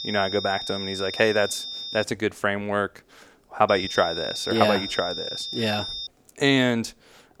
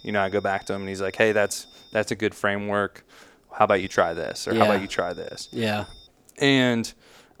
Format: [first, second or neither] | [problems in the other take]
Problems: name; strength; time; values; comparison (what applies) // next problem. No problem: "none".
second | high-pitched whine; loud; until 2 s and from 3.5 to 6 s; 3.5 kHz, 6 dB below the speech; faint in the second